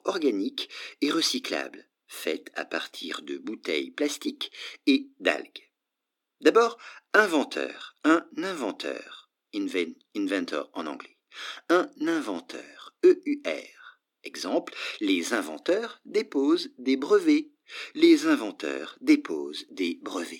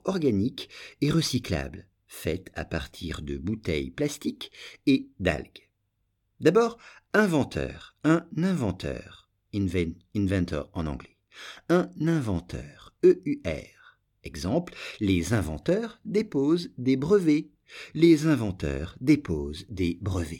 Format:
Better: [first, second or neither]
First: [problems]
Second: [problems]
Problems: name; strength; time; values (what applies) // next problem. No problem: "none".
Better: second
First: thin; very slightly; fading below 300 Hz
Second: none